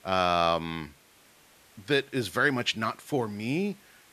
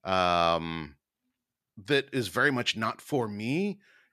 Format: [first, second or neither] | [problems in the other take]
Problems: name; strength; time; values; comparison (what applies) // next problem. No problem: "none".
second | hiss; faint; throughout; 30 dB below the speech